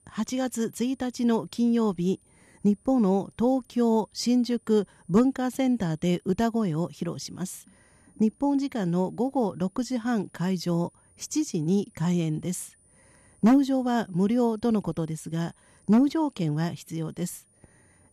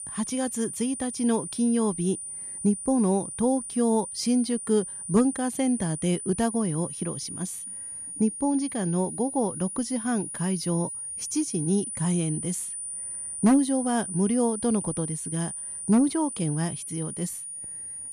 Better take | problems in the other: first | high-pitched whine; loud; throughout; 9.5 kHz, 6 dB below the speech; faint in the first

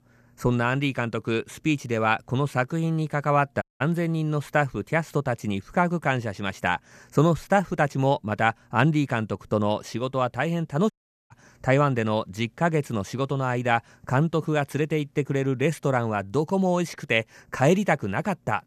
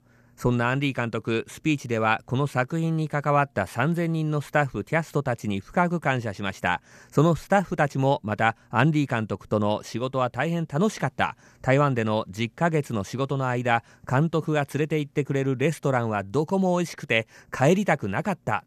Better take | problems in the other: second | audio cutting out; at 3.5 s and at 11 s

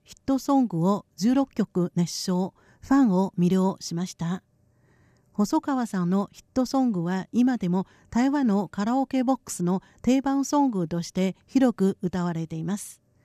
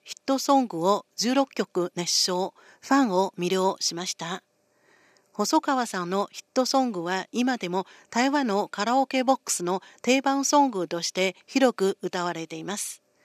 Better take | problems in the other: first | thin; somewhat; fading below 450 Hz

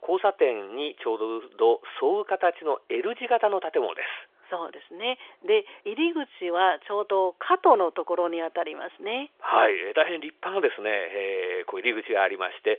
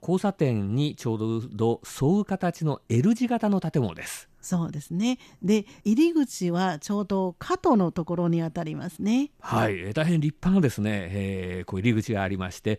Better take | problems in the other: second | phone-call audio; nothing above 3.5 kHz

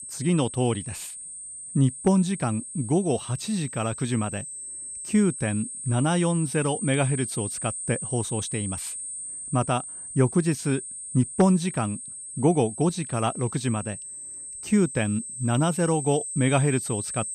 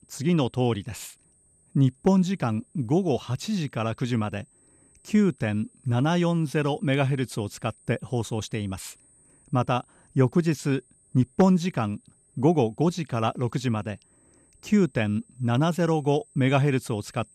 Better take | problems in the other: second | high-pitched whine; loud; throughout; 8.5 kHz, 8 dB below the speech; faint in the second

